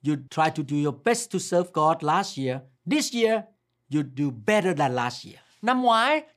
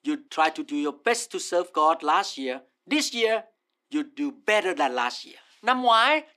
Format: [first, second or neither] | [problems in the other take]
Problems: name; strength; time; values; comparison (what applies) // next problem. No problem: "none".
first | thin; very slightly; fading below 250 Hz